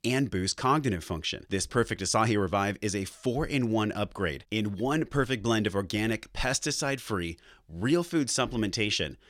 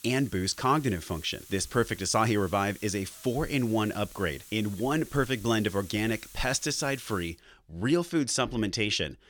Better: first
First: none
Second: hiss; noticeable; until 7.5 s; 20 dB below the speech

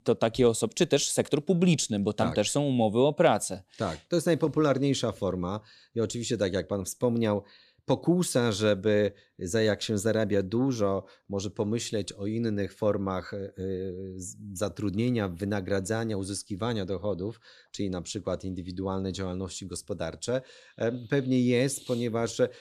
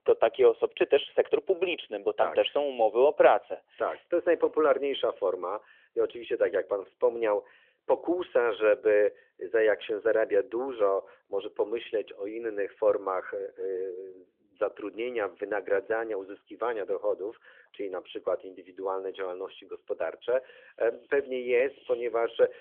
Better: first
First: none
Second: phone-call audio; nothing above 3.5 kHz

